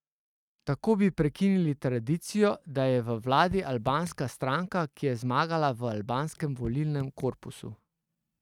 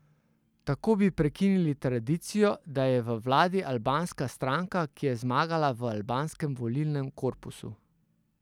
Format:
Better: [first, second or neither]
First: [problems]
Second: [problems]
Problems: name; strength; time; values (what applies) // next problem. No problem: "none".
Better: second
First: noise reduction (neural mask model RNNoise)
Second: none